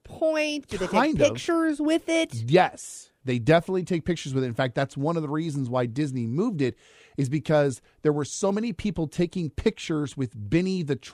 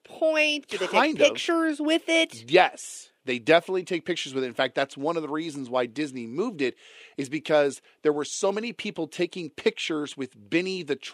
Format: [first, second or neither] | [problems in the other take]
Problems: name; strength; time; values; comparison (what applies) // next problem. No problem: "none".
first | thin; somewhat; fading below 350 Hz